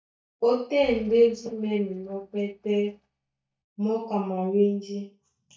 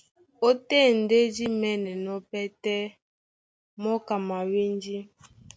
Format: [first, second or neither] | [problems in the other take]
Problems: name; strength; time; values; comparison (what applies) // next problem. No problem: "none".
second | noise reduction (neural mask model DeepFilterNet 3)